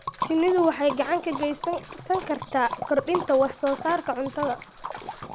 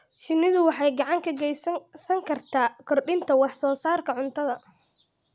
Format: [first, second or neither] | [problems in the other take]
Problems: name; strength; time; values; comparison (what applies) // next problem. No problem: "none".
second | background sound (Liquid); 10 dB below the speech